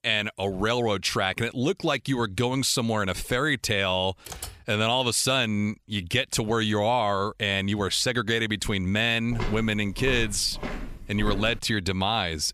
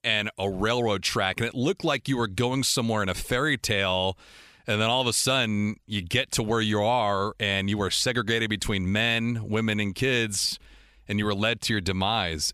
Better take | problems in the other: second | keyboard typing; faint; at 4.5 s; peak 10 dB below the speech // footsteps; noticeable; from 9.5 to 12 s; peak 9 dB below the speech

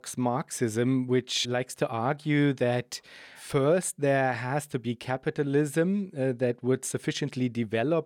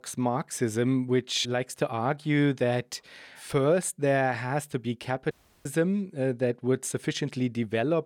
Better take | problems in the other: first | audio cutting out; at 5.5 s

